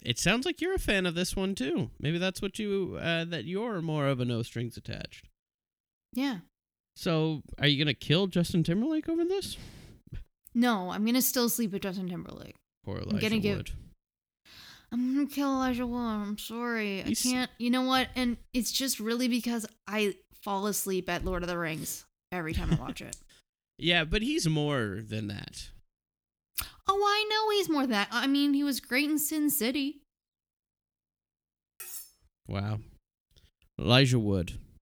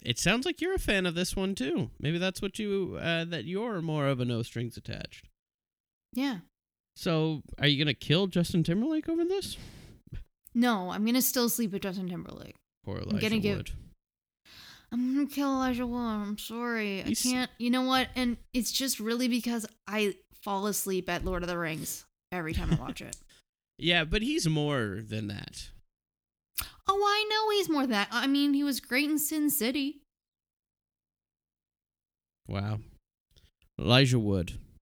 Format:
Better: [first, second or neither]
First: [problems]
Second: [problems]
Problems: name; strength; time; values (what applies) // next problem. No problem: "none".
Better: second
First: clattering dishes; faint; at 32 s; peak 10 dB below the speech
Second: none